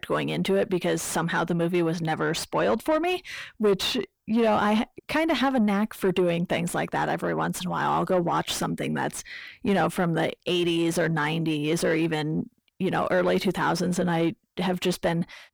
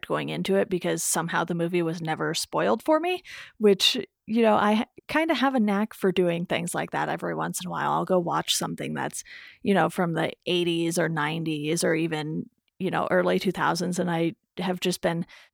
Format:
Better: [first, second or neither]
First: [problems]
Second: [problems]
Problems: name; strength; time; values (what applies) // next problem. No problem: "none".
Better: second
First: distortion; slight; 9 dB below the speech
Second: none